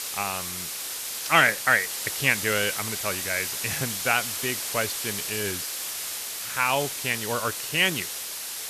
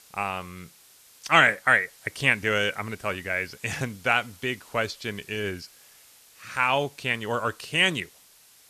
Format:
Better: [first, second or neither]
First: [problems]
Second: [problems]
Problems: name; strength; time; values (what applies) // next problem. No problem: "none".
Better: second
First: hiss; loud; throughout; 4 dB below the speech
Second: hiss; faint; throughout; 25 dB below the speech